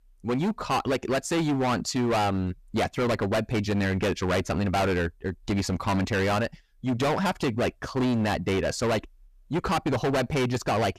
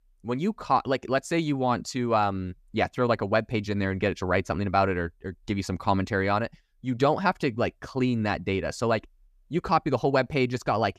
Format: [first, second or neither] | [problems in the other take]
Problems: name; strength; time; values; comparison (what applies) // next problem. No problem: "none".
second | distortion; heavy; 23% of the sound clipped